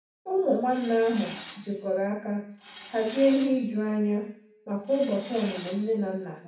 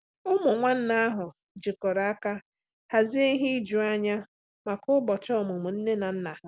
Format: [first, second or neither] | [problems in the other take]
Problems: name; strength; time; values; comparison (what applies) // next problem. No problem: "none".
second | background sound (Tools); 18 dB below the speech // room echo; dies away in 0.6 s